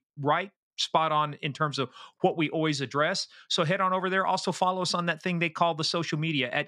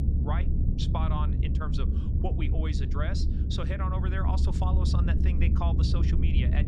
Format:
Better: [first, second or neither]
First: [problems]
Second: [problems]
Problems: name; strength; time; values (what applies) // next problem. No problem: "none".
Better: first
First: none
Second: low rumble; loud; throughout; 4 dB below the speech